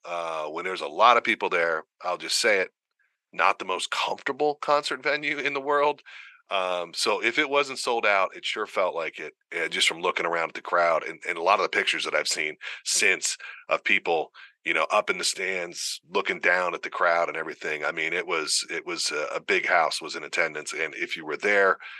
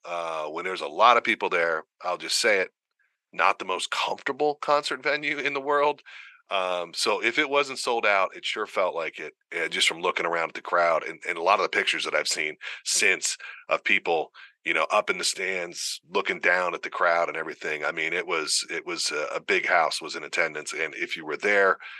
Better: neither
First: thin; very; fading below 550 Hz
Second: thin; very; fading below 550 Hz

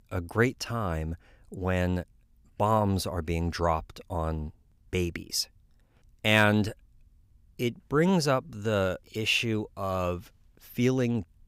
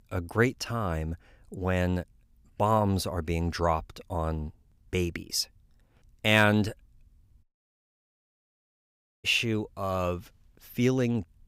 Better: first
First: none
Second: audio cutting out; at 7.5 s for 2 s

